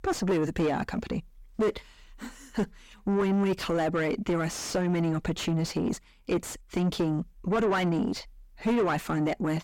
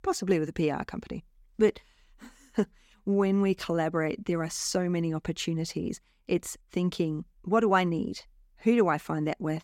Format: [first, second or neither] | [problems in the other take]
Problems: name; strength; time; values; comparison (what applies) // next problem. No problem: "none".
second | distortion; heavy; 5 dB below the speech